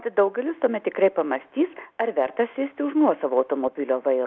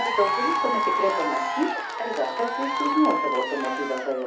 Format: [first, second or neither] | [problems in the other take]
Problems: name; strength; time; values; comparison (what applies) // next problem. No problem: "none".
first | background sound (Applause / Crowd / Cheering); 1 dB above the speech // room echo; dies away in 0.4 s